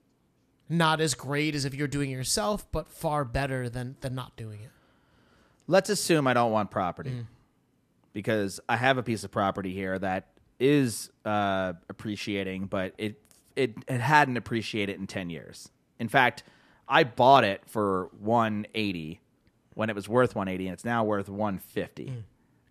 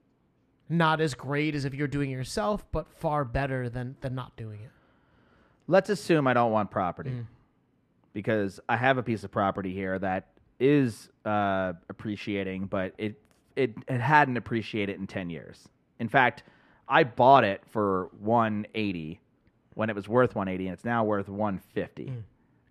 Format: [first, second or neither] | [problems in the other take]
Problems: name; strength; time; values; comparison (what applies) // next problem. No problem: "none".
first | muffled; slightly; fading above 4 kHz